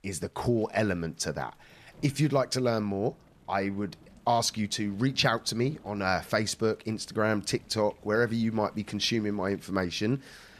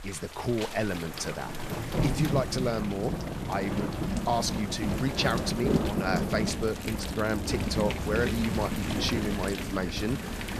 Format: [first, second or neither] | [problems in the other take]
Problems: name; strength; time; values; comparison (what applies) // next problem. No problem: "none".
first | rain or running water; loud; throughout; 1 dB below the speech; faint in the first